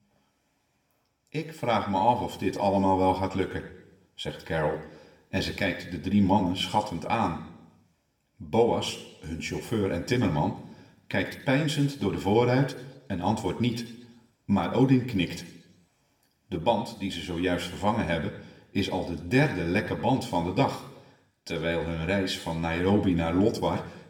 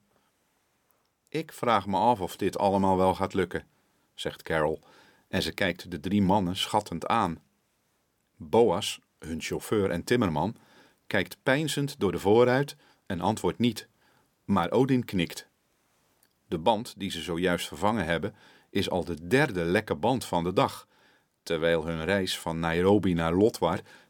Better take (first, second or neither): second